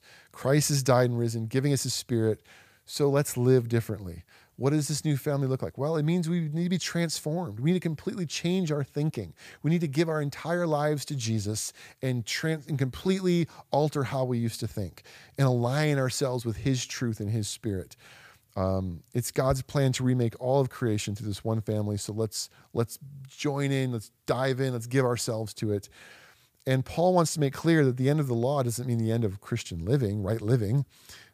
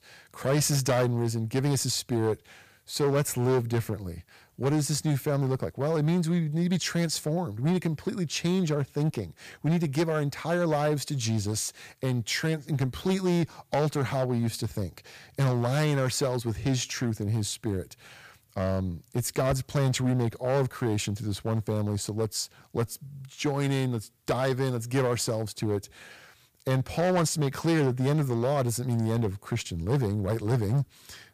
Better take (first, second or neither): first